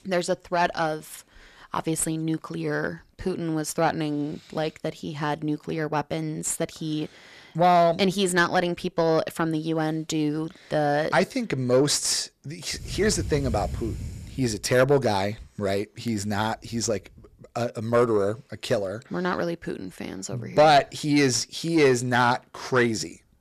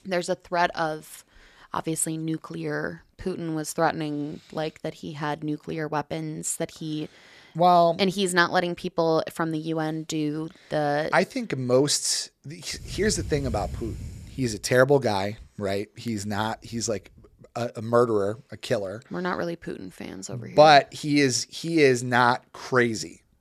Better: second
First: distortion; slight; 10 dB below the speech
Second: none

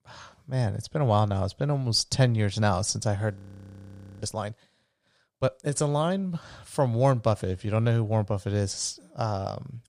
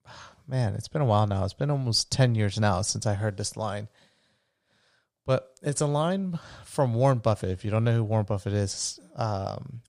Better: second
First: audio freezing; at 3.5 s for 1 s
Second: none

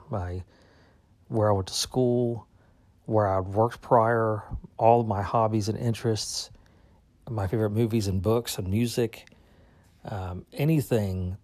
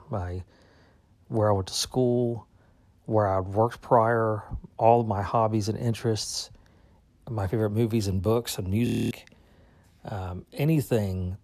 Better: first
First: none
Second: audio freezing; at 9 s

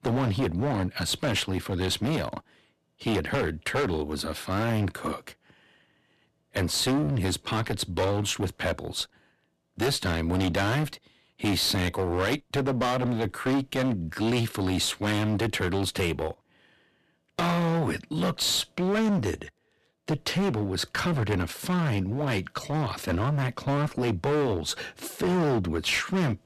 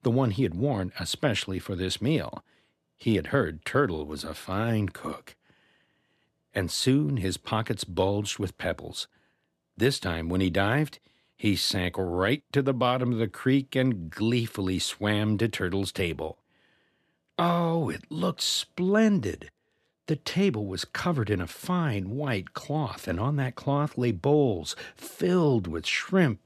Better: second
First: distortion; heavy; 16% of the sound clipped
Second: none

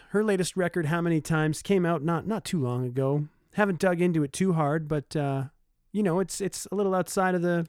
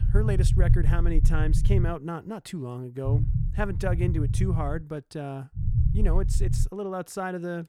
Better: first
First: none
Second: low rumble; loud; until 2 s, from 3 to 5 s and from 5.5 to 6.5 s; 7 dB below the speech

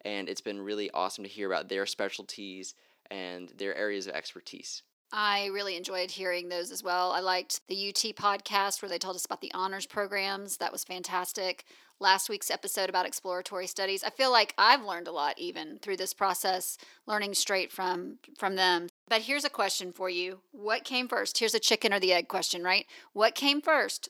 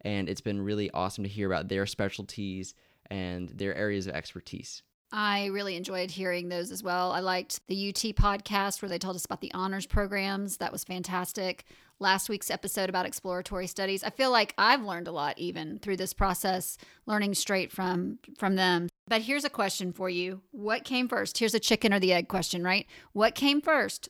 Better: second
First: thin; somewhat; fading below 300 Hz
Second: none

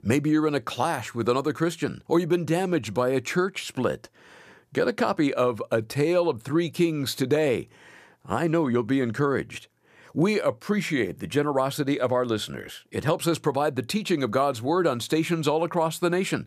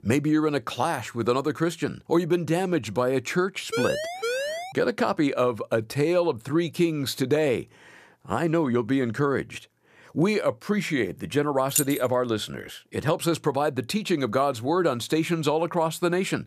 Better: first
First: none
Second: siren; noticeable; at 3.5 s; peak 3 dB below the speech // jangling keys; loud; at 12 s; peak level with the speech

